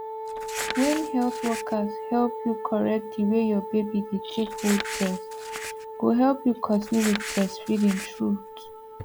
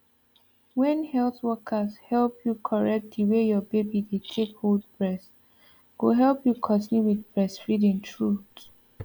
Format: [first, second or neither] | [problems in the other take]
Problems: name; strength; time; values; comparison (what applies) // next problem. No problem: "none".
second | background sound (Wind instrument, woodwind instrument + Crumpling, crinkling); 8 dB below the speech